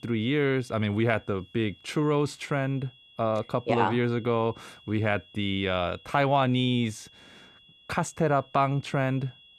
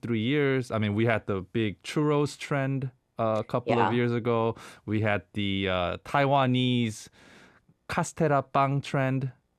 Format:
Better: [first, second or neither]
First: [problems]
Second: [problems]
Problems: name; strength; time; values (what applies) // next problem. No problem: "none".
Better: second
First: high-pitched whine; faint; throughout; 3.5 kHz, 25 dB below the speech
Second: none